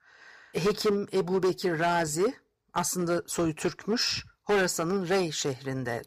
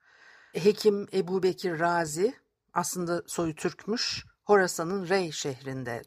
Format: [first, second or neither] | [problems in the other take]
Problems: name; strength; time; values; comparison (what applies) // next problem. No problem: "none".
second | distortion; heavy; 7% of the sound clipped